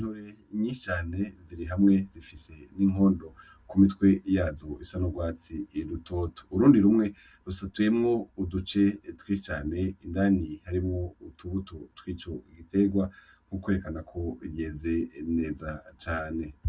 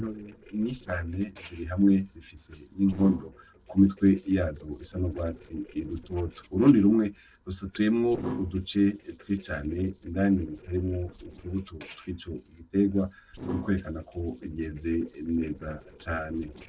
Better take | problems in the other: first | noise reduction (neural separator model SepFormer DNS4)

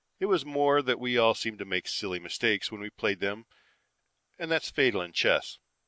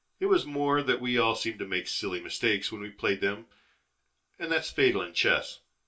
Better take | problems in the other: first | room echo; dies away in 0.2 s

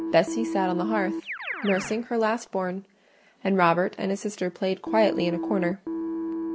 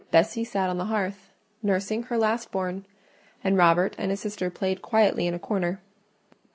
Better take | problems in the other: second | background sound (Keyboard (musical)); 7 dB below the speech

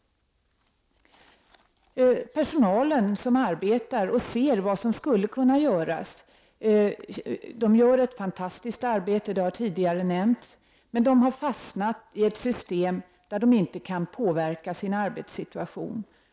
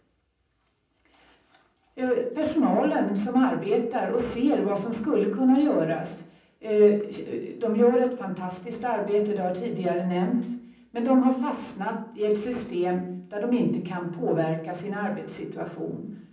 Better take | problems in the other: first | room echo; dies away in 0.6 s

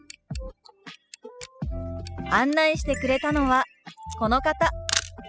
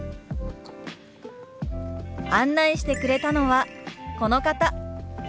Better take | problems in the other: second | noise reduction (classical method spectral subtraction)

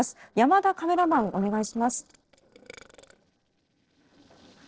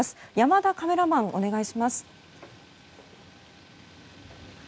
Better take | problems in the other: second | noise reduction (neural separator model SepFormer DNS4)

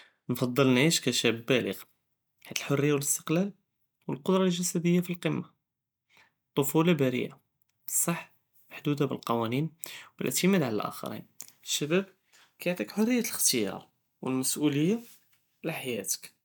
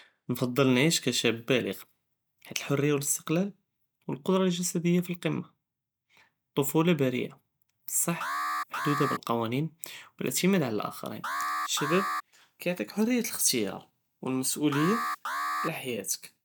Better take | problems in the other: first | background sound (Alarm); 4 dB below the speech

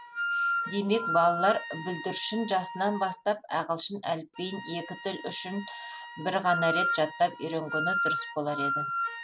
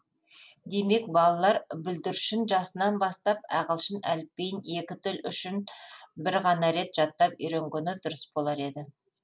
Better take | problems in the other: second | background sound (Wind instrument, woodwind instrument); 3 dB below the speech

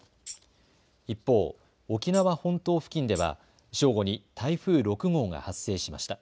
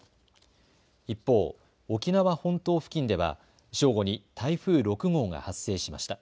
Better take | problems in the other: second | background sound (Tambourine); 19 dB below the speech

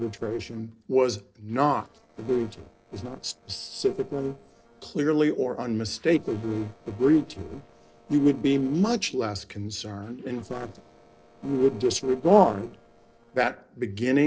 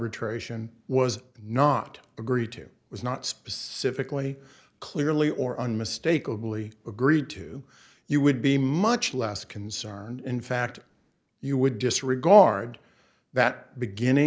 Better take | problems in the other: second | noise reduction (neural separator model SepFormer DNS4)

